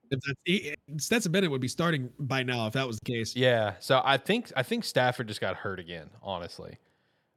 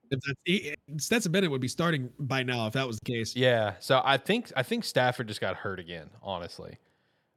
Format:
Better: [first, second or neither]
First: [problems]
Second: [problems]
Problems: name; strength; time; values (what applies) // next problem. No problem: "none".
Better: neither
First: none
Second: none